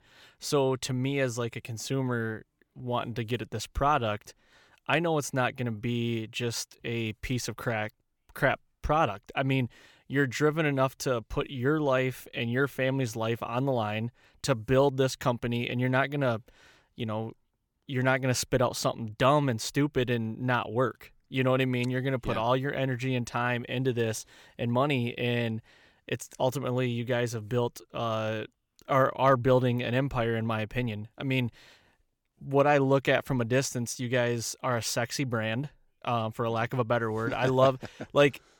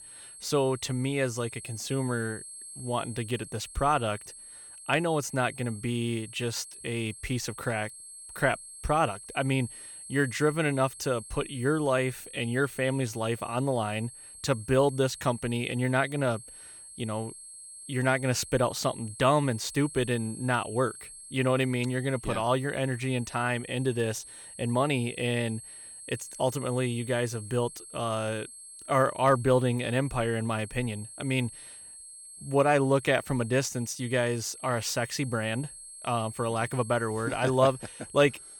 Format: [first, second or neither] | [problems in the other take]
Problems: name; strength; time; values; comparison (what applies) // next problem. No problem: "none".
first | high-pitched whine; noticeable; throughout; 8.5 kHz, 15 dB below the speech